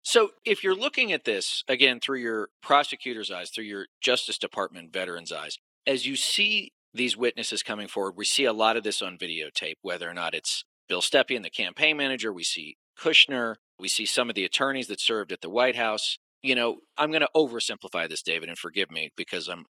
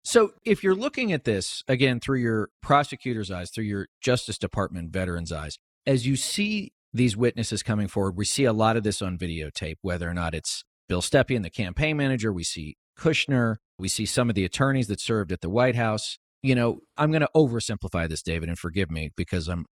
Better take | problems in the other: second | thin; somewhat; fading below 300 Hz

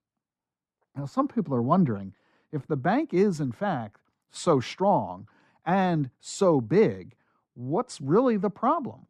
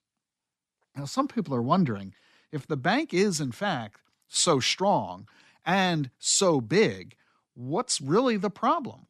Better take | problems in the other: second | muffled; slightly; fading above 2 kHz

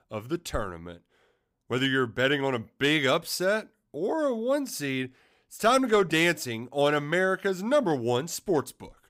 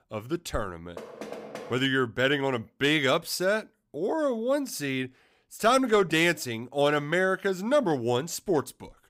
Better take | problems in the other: first | door banging; faint; at 1 s; peak 15 dB below the speech

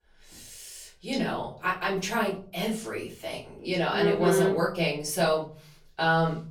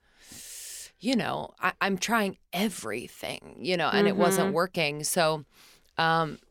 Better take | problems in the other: second | room echo; slight; dies away in 0.4 s // off-mic speech; far

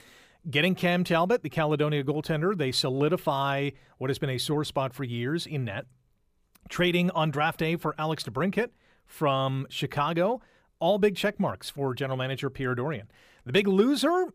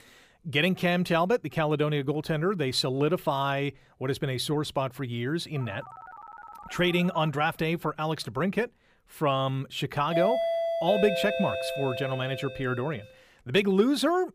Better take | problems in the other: first | phone ringing; faint; from 5.5 to 7.5 s; peak 15 dB below the speech // doorbell; loud; from 10 to 13 s; peak 1 dB above the speech

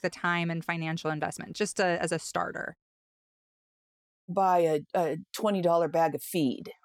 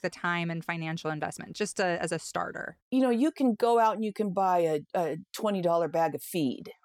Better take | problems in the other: second | audio cutting out; at 3 s for 1.5 s

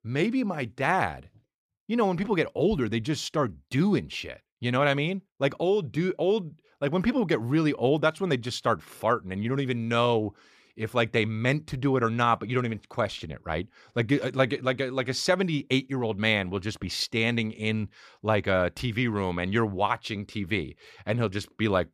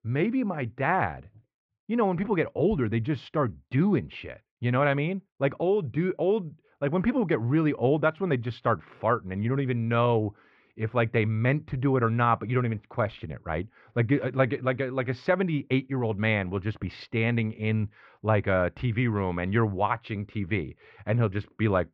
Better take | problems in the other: first | muffled; very; fading above 2.5 kHz

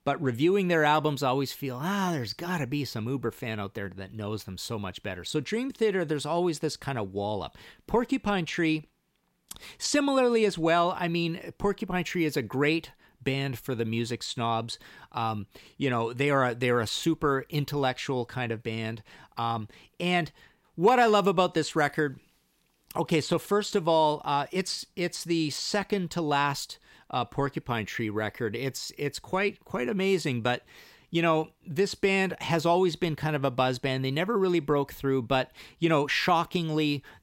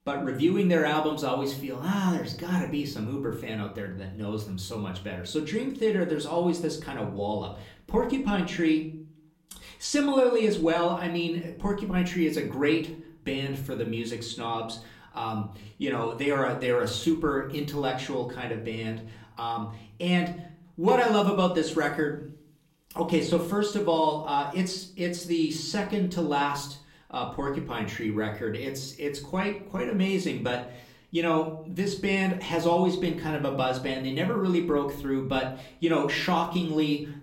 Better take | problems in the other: first | room echo; slight; dies away in 0.4 s // off-mic speech; far

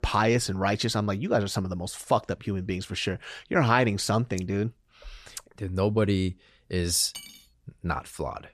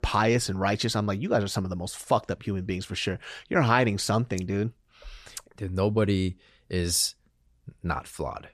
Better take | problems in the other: second | clattering dishes; faint; at 7 s; peak 15 dB below the speech

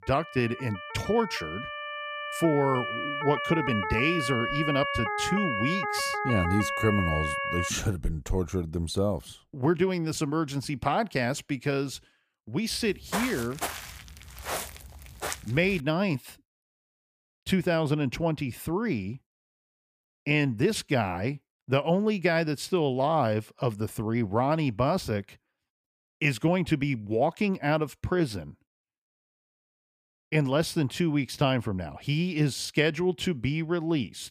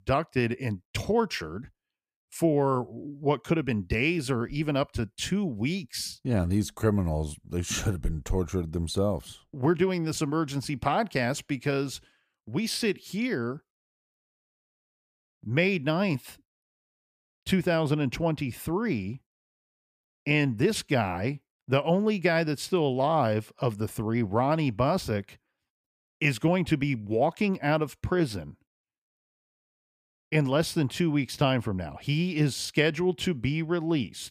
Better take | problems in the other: second | siren; noticeable; until 7.5 s; peak 1 dB below the speech // footsteps; noticeable; from 13 to 16 s; peak 4 dB below the speech

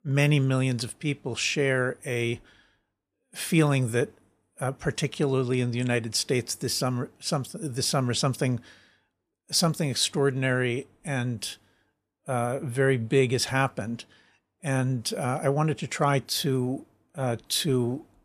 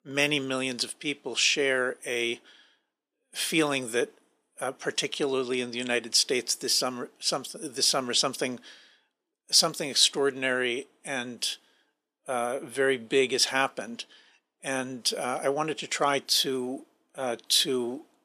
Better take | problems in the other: first | thin; somewhat; fading below 300 Hz

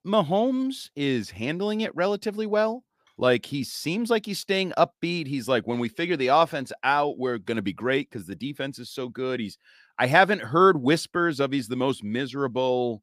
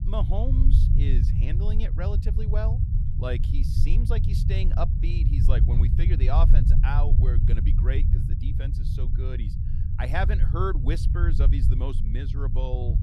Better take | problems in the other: first | low rumble; loud; throughout; 5 dB below the speech

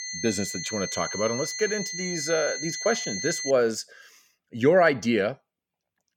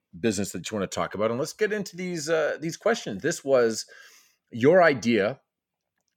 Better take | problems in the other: second | high-pitched whine; loud; until 3.5 s; 2 kHz, 5 dB below the speech

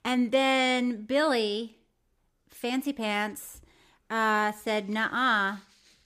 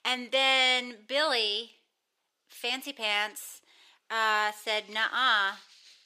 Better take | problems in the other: first | thin; somewhat; fading below 550 Hz

